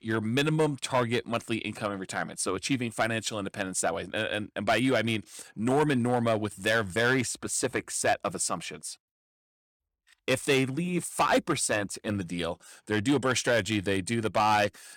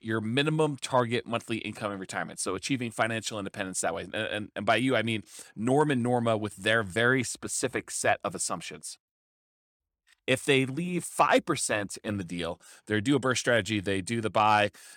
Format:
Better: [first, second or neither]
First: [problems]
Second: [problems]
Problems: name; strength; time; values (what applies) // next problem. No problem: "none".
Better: second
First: distortion; slight; 3% of the sound clipped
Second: none